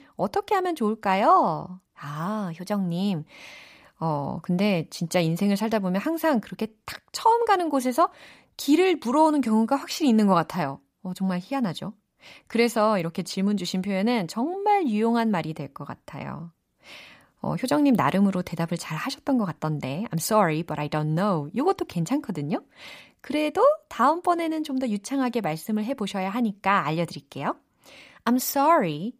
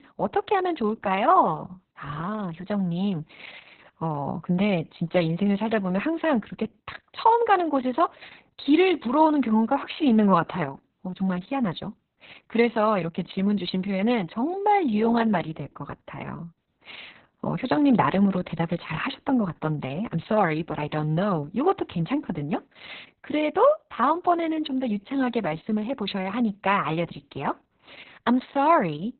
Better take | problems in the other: first | garbled, watery; badly; nothing above 4 kHz

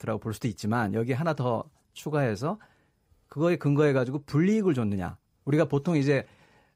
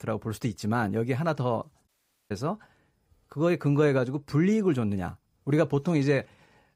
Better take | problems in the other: first | audio cutting out; at 2 s

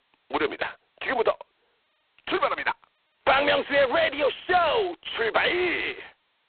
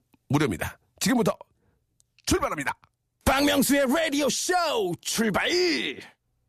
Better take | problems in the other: second | phone-call audio; poor line; nothing above 4 kHz

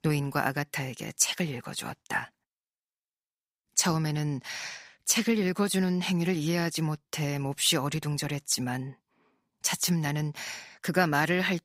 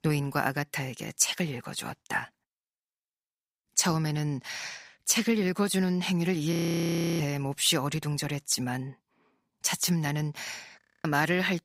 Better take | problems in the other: first | audio freezing; at 6.5 s for 0.5 s and at 11 s

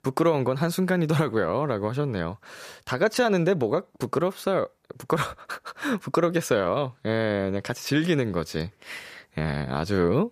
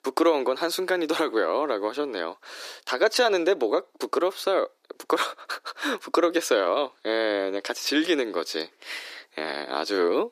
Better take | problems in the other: first | thin; somewhat; fading below 300 Hz

